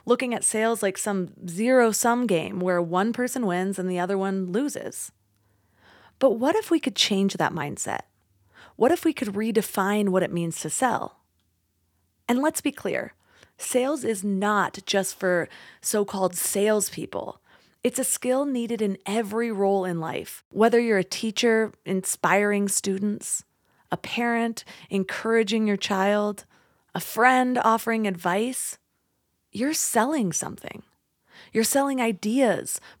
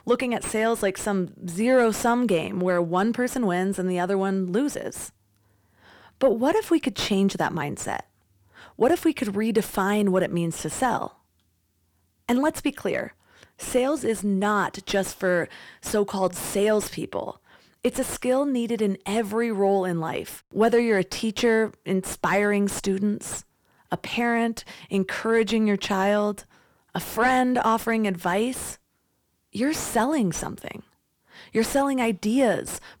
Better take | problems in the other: first | distortion; slight; 10 dB below the speech

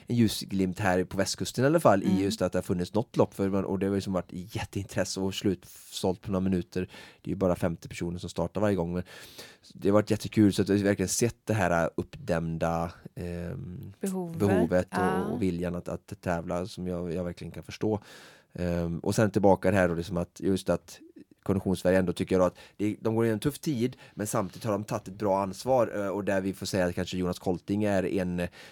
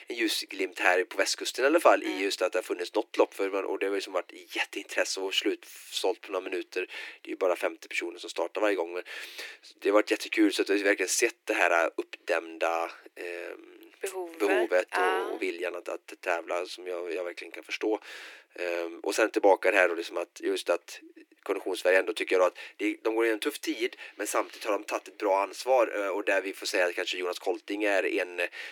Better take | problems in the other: first | thin; very; fading below 300 Hz

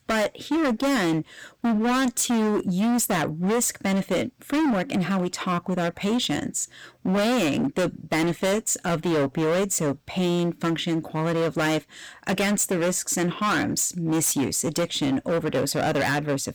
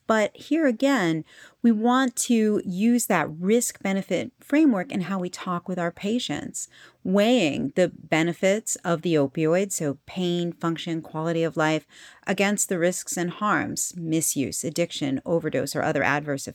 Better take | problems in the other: second | distortion; heavy; 24% of the sound clipped

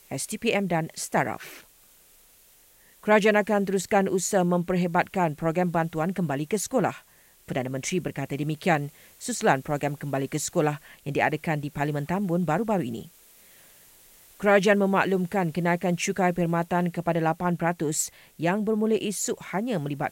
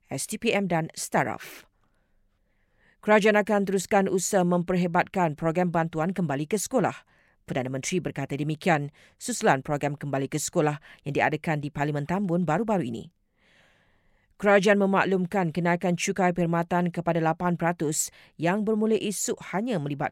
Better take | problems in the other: second | hiss; faint; throughout; 30 dB below the speech

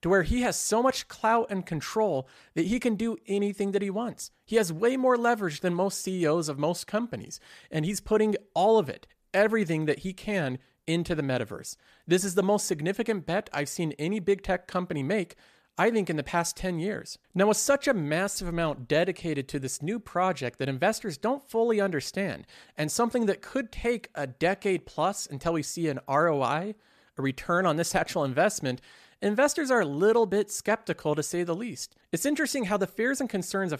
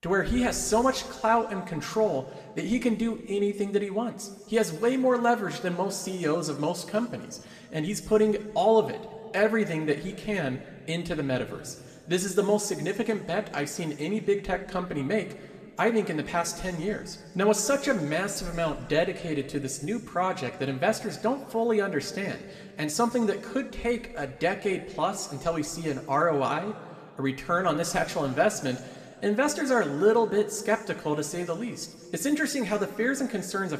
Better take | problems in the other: first | room echo; slight; dies away in 1.5 s

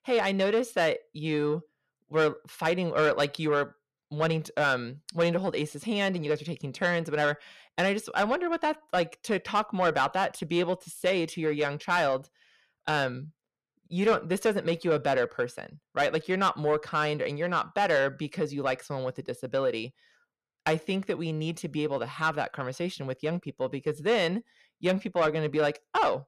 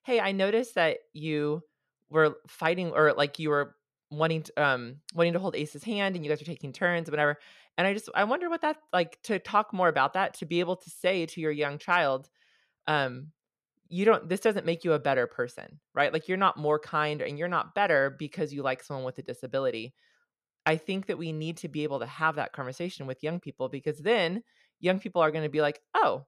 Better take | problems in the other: second | distortion; slight; 10 dB below the speech

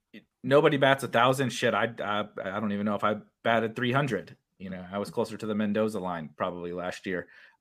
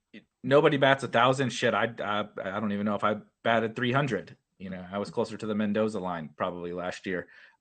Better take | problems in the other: first | garbled, watery; slightly; nothing above 8.5 kHz

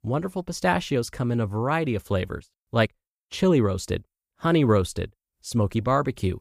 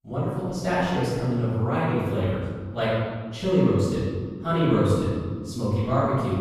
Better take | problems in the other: first | room echo; strong; dies away in 1.7 s // off-mic speech; far

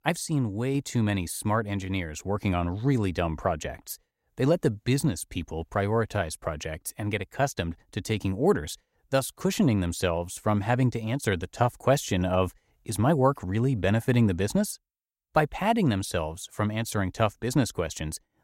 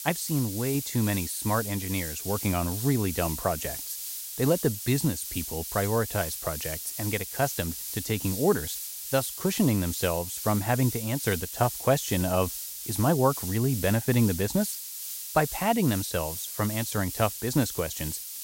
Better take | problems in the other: first | hiss; loud; throughout; 6 dB below the speech

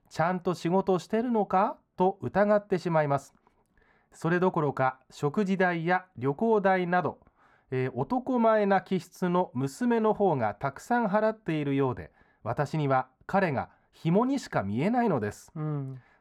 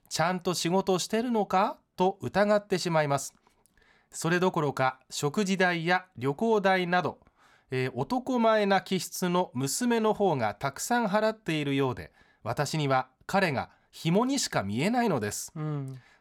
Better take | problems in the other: second | muffled; slightly; fading above 2.5 kHz

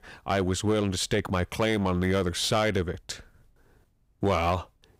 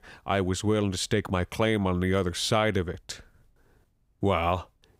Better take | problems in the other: second | distortion; slight; 7% of the sound clipped

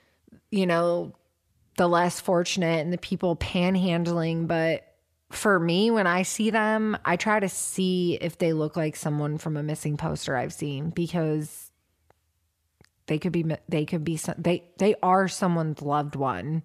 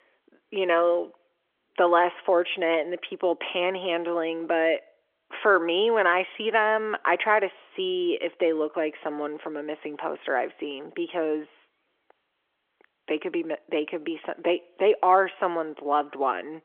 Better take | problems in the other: first | phone-call audio; nothing above 3.5 kHz

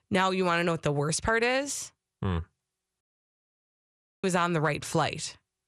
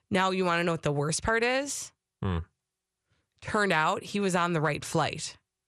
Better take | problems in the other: second | audio cutting out; at 3 s for 1 s

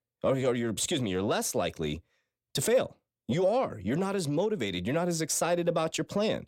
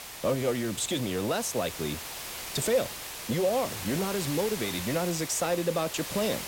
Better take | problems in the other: first | hiss; loud; throughout; 7 dB below the speech

